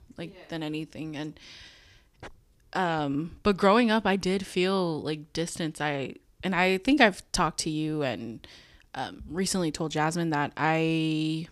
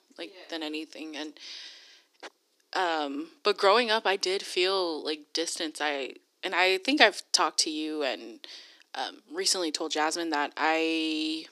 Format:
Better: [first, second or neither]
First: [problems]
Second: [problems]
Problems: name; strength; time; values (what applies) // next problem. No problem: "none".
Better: first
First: none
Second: thin; somewhat; fading below 300 Hz